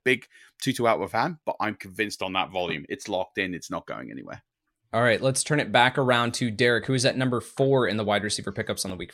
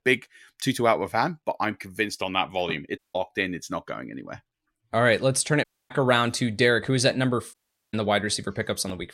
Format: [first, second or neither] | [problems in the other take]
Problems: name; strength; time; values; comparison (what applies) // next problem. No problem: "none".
first | audio cutting out; at 3 s, at 5.5 s and at 7.5 s